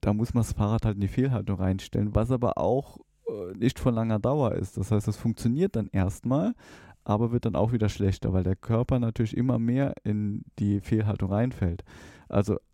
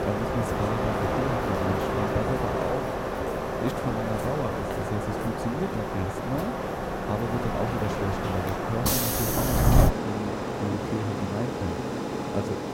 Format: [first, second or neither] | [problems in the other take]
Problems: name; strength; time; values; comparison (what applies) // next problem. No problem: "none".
first | train or aircraft noise; very loud; throughout; 4 dB above the speech